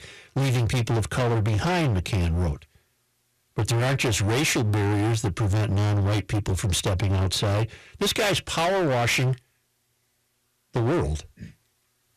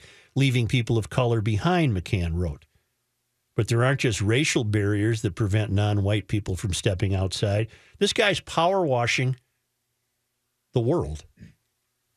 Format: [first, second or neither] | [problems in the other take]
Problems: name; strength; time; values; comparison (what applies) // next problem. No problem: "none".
second | distortion; heavy; 30% of the sound clipped